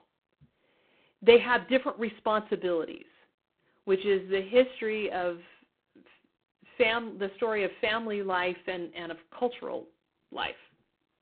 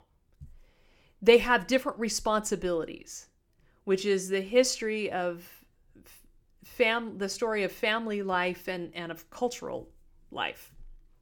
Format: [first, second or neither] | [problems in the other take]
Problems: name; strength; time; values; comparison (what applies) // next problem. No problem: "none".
second | phone-call audio; poor line